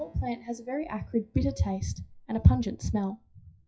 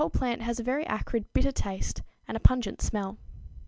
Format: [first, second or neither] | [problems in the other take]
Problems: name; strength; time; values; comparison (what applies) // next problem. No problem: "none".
second | noise reduction (classical method WPE with log-MMSE)